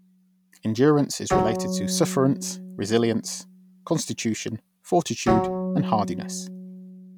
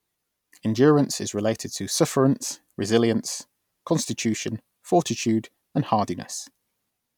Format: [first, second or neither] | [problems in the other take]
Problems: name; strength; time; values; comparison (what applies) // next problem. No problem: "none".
second | background sound (Bowed string instrument); 5 dB below the speech